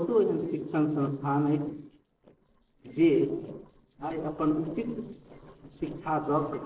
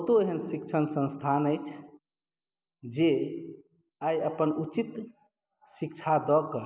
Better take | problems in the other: second | noise reduction (neural separator model SepFormer DNS4)

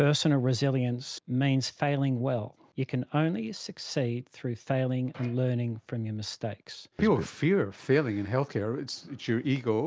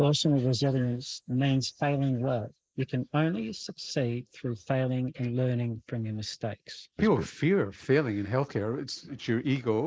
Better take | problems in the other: first | noise reduction (neural mask model Resemble Enhance denoiser)

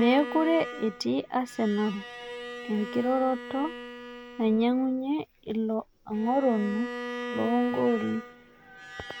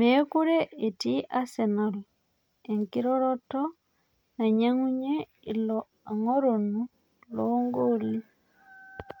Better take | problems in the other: second | background sound (Bowed string instrument); 11 dB below the speech

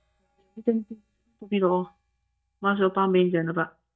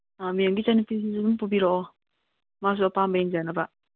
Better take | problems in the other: second | noise reduction (neural mask model DeepFilterNet 3)

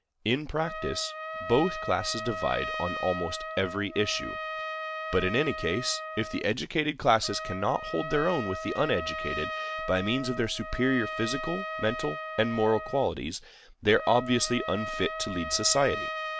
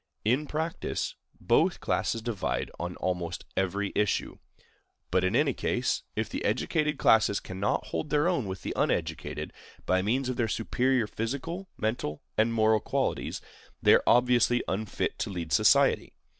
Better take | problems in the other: second | background sound (Trumpet); 7 dB below the speech

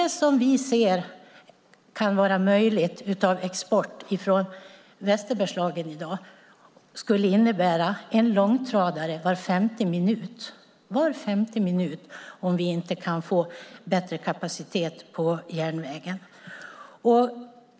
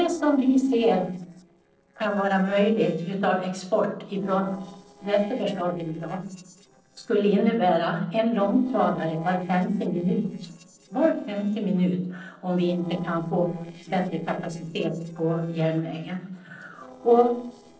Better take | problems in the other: first | noise reduction (neural separator model SepFormer DNS4)

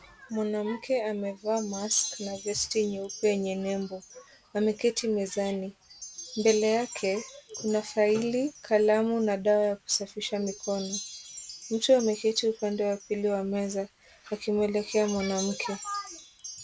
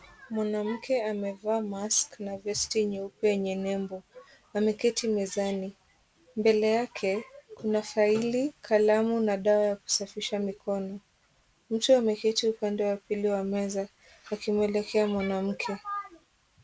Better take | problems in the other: second | background sound (Wind chime); 16 dB below the speech

